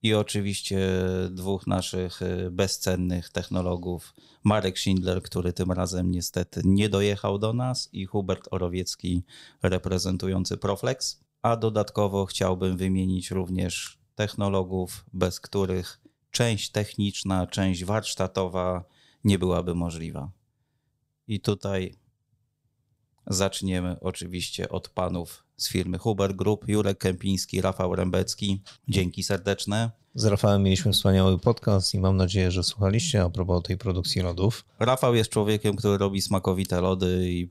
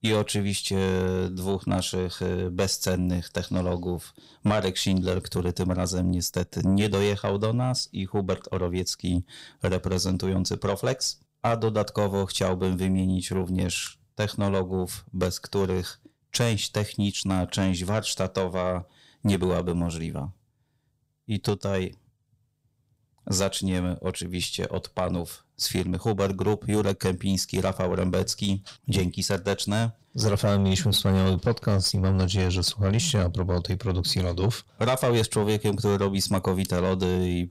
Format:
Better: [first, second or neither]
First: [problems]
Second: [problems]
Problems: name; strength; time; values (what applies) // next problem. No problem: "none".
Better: first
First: none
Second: distortion; slight; 10 dB below the speech